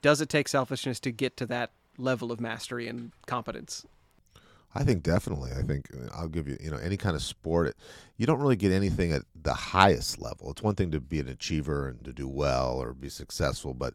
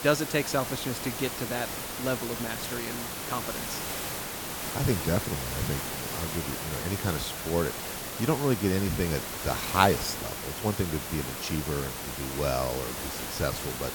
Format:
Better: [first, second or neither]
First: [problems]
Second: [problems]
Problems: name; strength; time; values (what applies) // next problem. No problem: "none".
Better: first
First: none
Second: hiss; loud; throughout; 3 dB below the speech